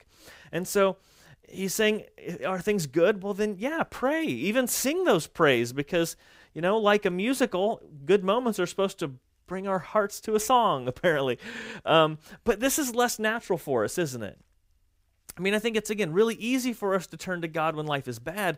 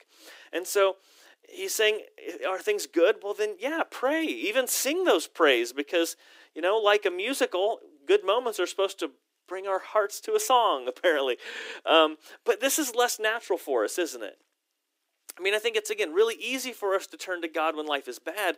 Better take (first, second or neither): first